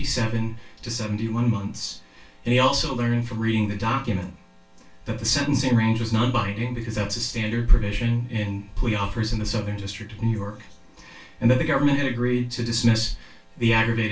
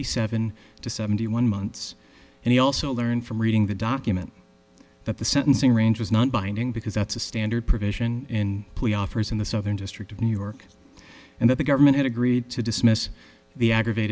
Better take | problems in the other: second | room echo; dies away in 0.2 s

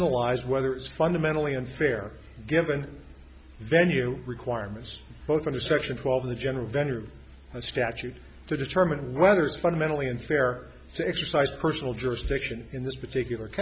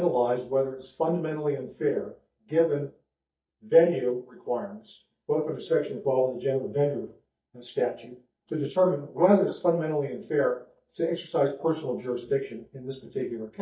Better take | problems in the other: first | noise reduction (neural mask model DeepFilterNet 3)

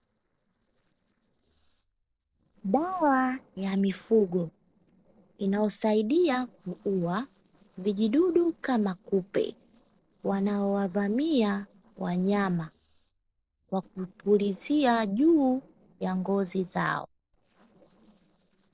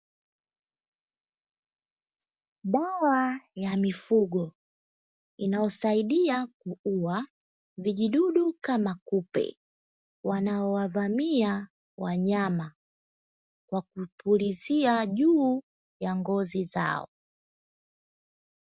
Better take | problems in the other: second | noise reduction (neural separator model SepFormer DNS4)

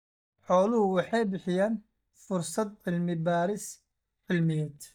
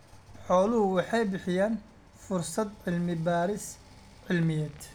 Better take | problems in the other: second | noise reduction (neural mask model DeepFilterNet 3)

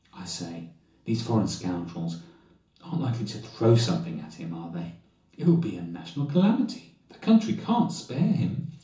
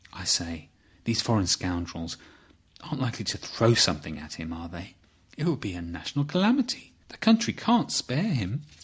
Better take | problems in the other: second | room echo; dies away in 0.7 s

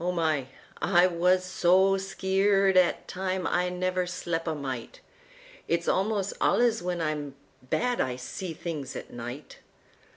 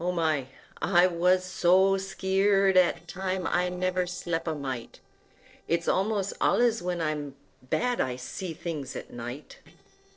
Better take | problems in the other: first | noise reduction (neural separator model SepFormer DNS4)

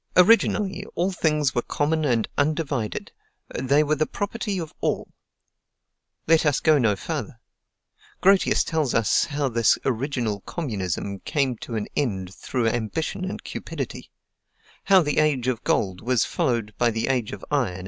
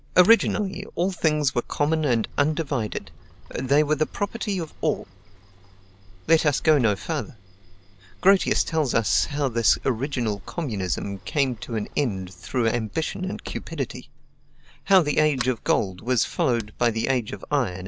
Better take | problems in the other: first | background sound (Sliding door); 16 dB below the speech

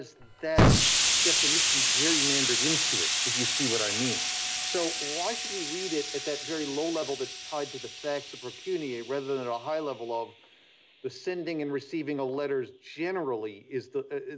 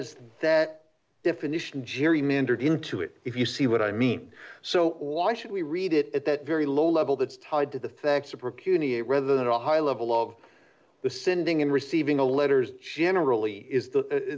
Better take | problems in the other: second | background sound (Explosion); 4 dB above the speech

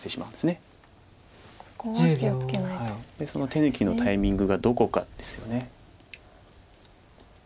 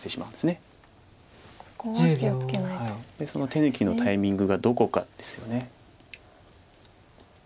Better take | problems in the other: second | background sound (Thunder / Rain); 16 dB below the speech

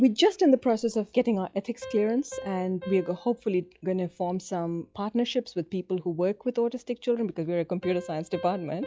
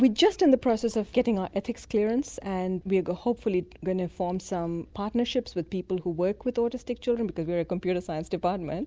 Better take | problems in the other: second | noise reduction (classical method log-MMSE)

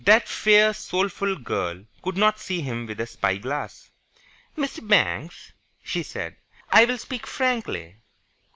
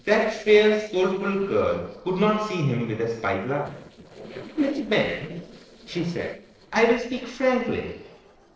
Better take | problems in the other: first | noise reduction (neural separator model SepFormer DNS4)

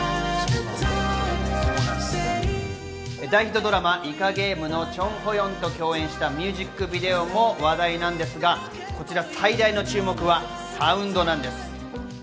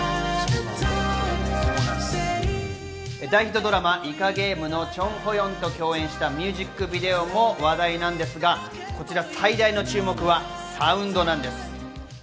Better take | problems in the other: second | background sound (Piano); 18 dB below the speech

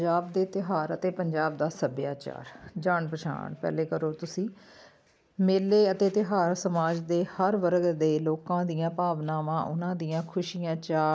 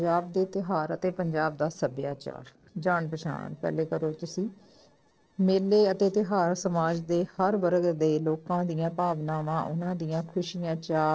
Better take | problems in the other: first | noise reduction (neural separator model SepFormer DNS4)

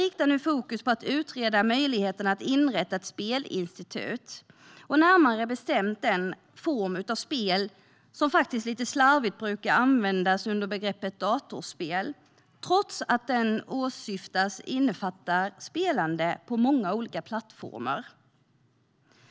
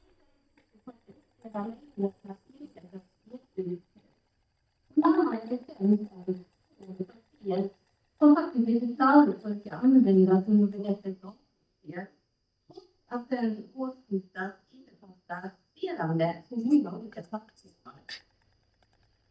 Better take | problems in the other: first | noise reduction (neural mask model DeepFilterNet 3)

